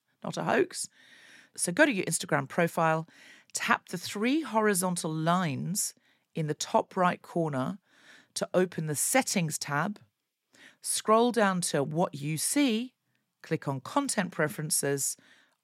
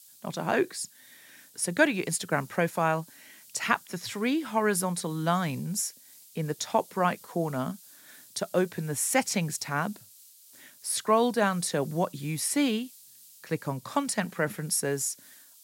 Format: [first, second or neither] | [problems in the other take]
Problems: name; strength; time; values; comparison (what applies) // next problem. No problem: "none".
first | hiss; faint; throughout; 20 dB below the speech